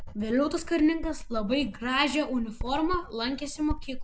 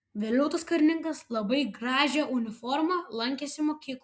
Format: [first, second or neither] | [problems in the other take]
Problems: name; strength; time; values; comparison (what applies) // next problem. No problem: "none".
second | background sound (Writing); 8 dB below the speech